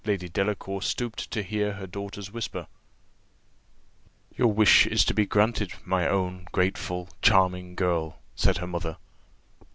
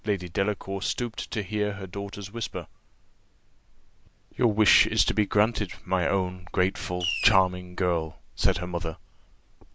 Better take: first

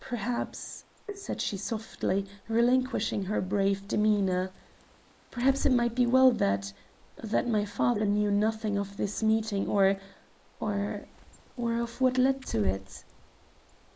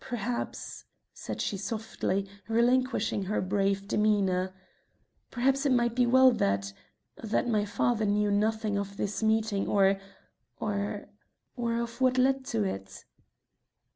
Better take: second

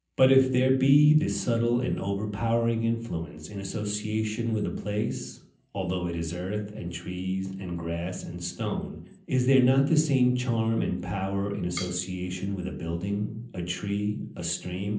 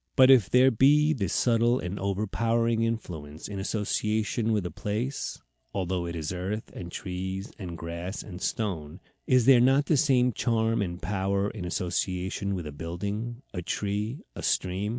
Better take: second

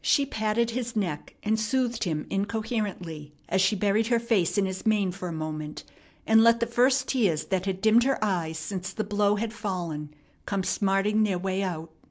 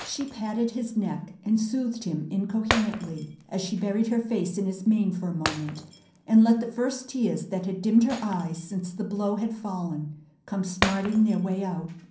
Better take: first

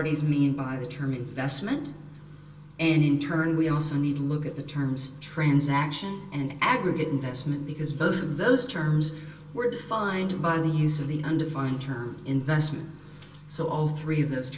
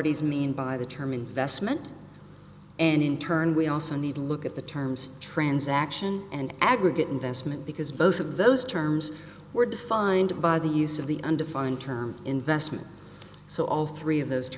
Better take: second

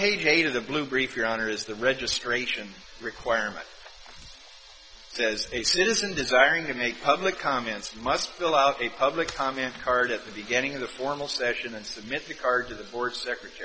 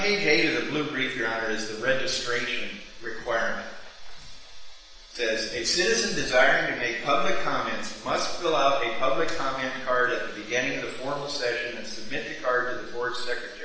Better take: first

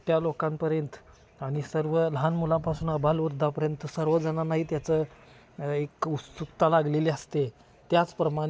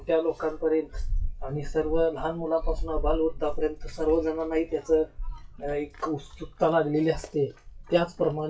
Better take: first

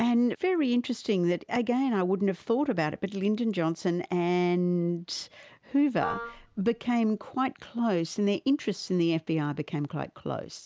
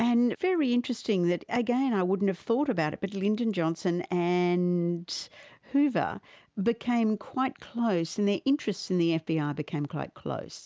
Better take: second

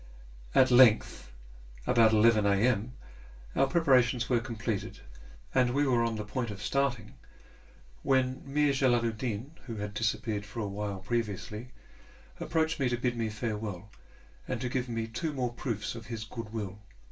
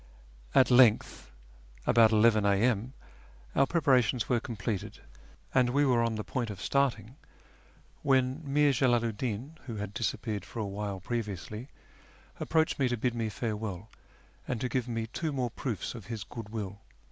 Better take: second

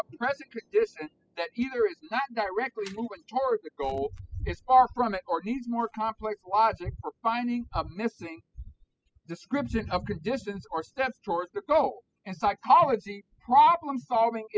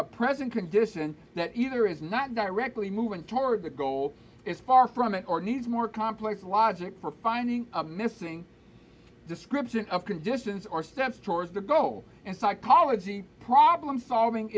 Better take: second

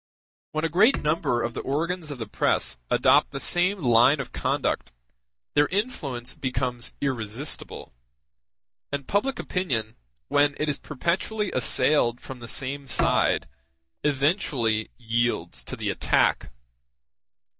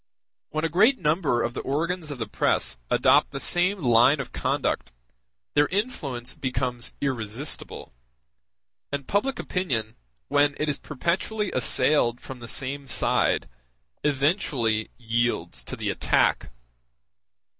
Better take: second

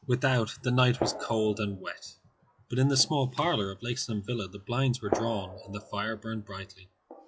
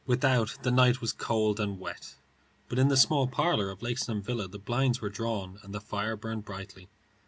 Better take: second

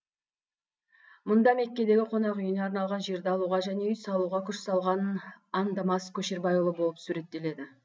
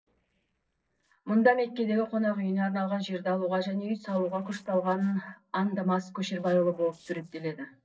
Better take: first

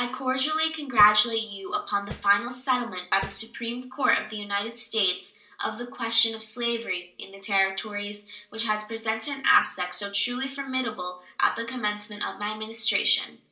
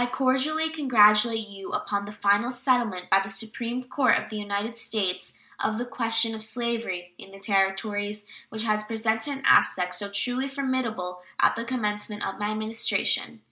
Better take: second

